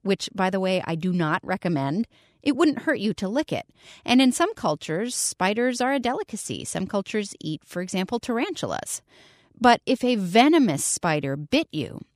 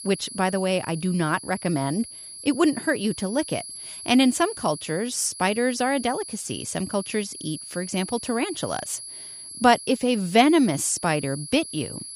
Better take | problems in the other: first | high-pitched whine; noticeable; throughout; 11 kHz, 10 dB below the speech

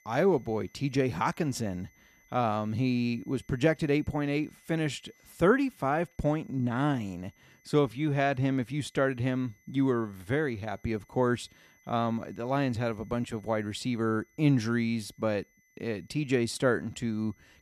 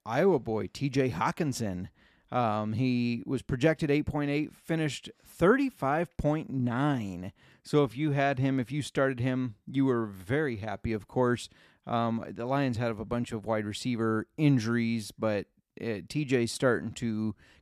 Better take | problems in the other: second | high-pitched whine; faint; throughout; 2 kHz, 35 dB below the speech

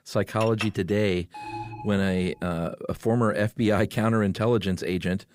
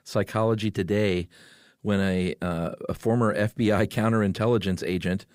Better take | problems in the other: second | clattering dishes; noticeable; at 0.5 s; peak 9 dB below the speech // alarm; faint; at 1.5 s; peak 10 dB below the speech

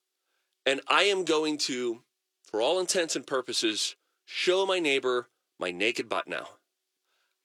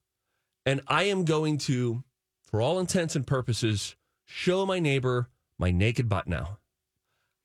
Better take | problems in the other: second | thin; very; fading below 300 Hz

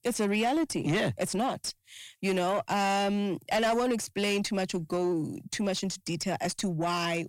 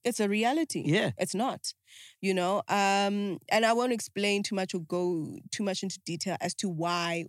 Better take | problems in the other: second | distortion; slight; 10 dB below the speech

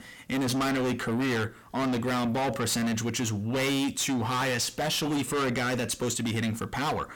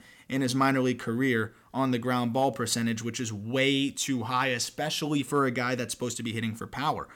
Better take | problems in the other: second | distortion; heavy; 6 dB below the speech

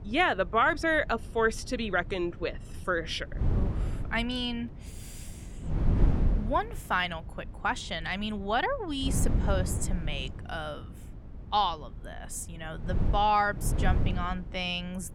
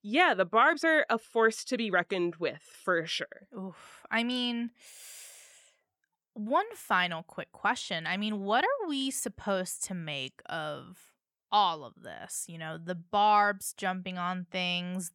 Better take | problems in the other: second | wind noise on the microphone; occasional gusts; 15 dB below the speech

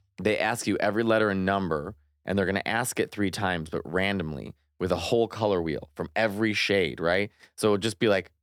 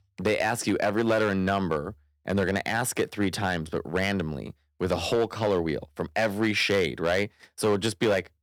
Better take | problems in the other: first | distortion; slight; 4% of the sound clipped

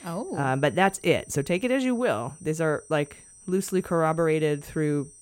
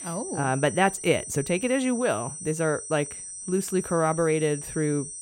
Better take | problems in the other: first | high-pitched whine; loud; throughout; 8.5 kHz, 9 dB below the speech; faint in the first

